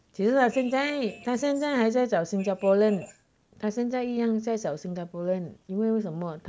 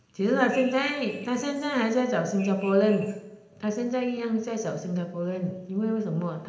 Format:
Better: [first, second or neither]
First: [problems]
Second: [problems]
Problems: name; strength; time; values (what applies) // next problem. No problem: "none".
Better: first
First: none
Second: room echo; dies away in 0.8 s